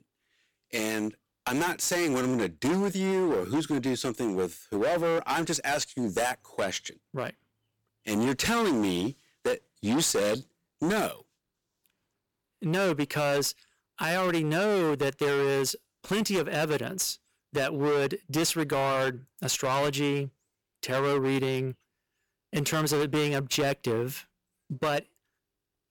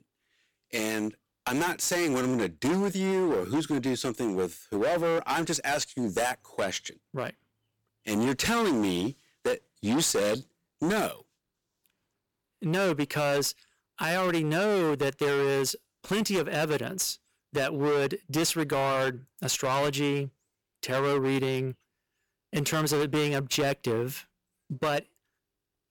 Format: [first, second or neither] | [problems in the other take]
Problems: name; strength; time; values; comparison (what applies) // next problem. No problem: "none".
neither | distortion; heavy; 16% of the sound clipped; the same in both